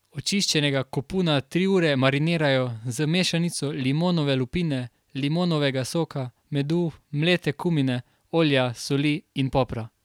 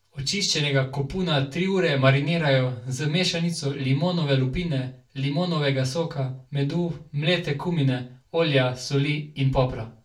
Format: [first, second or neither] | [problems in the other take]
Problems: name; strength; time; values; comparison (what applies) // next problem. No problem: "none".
first | room echo; dies away in 0.3 s